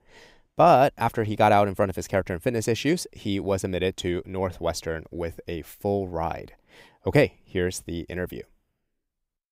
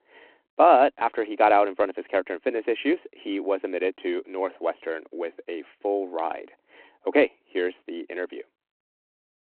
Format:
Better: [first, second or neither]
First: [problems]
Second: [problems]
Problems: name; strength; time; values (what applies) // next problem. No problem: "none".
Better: first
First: none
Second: phone-call audio